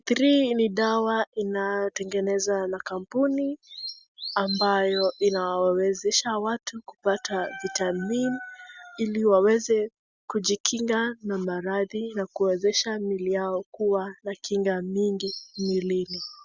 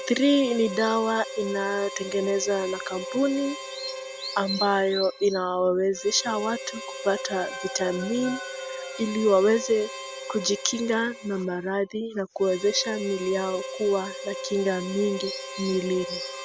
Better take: first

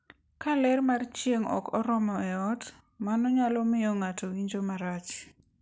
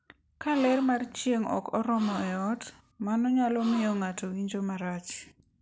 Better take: first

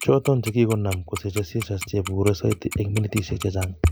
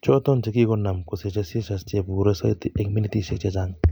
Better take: second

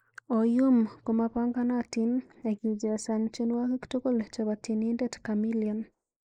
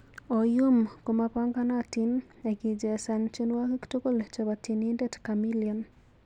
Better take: second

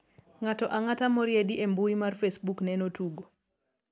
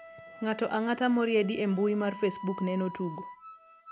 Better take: first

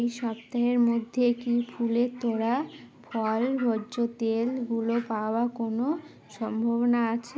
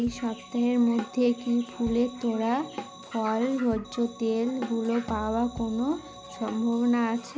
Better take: first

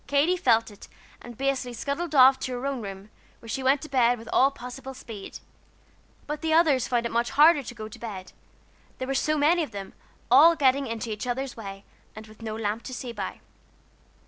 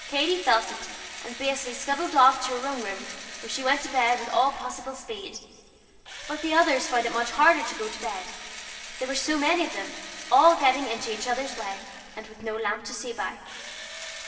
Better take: first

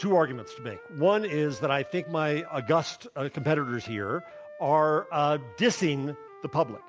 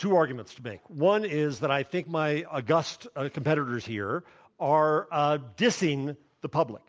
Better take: second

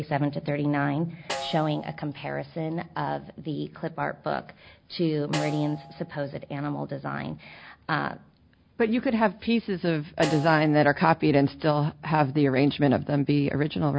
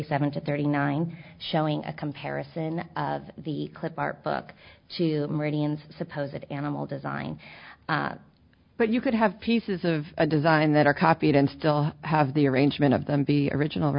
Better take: second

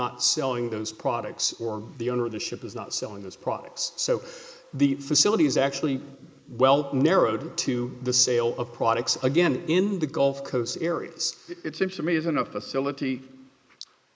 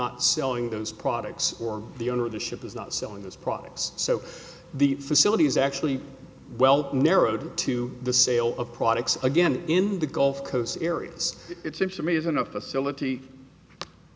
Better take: second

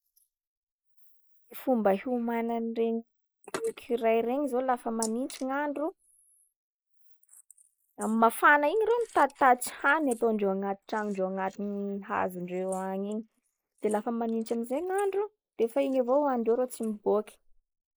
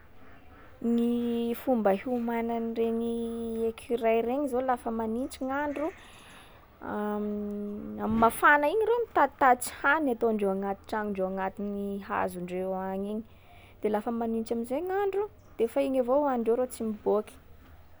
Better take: second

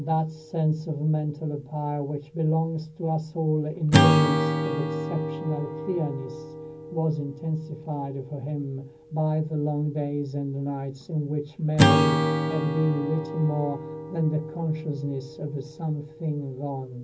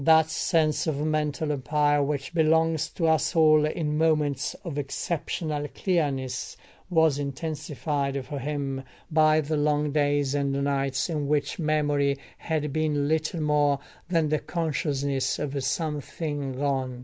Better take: second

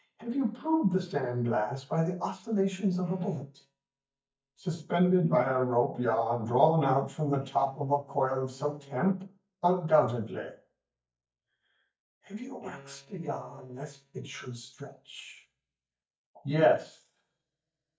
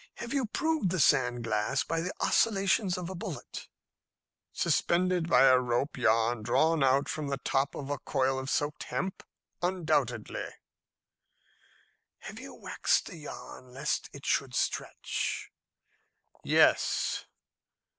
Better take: second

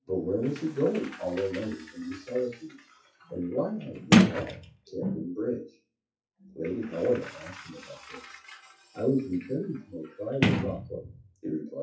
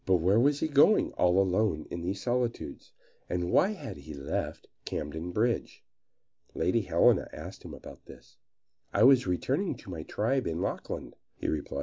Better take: second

